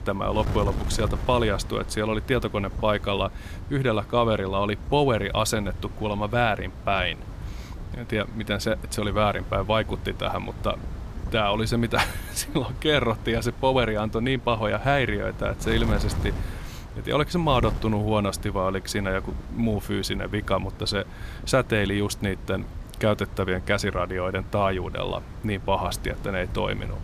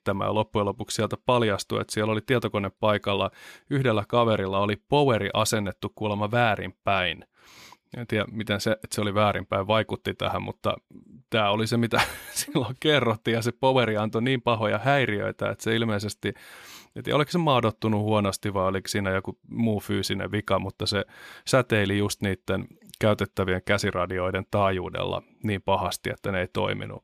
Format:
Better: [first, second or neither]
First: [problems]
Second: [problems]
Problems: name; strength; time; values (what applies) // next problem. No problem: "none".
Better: second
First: wind noise on the microphone; occasional gusts; 20 dB below the speech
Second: none